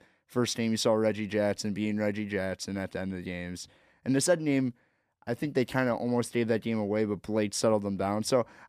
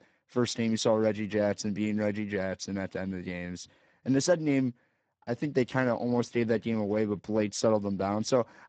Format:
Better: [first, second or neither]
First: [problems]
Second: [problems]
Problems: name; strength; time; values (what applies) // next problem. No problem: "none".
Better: first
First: none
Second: garbled, watery; badly; nothing above 8 kHz